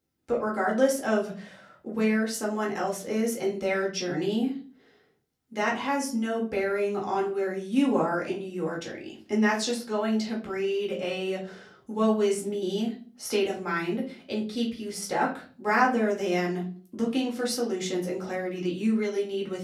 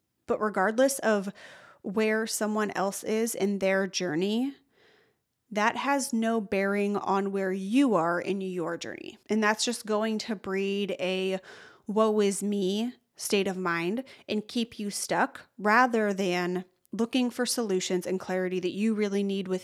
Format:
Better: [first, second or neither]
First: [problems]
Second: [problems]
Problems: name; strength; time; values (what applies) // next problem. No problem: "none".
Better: second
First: off-mic speech; far // room echo; very slight; dies away in 0.4 s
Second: none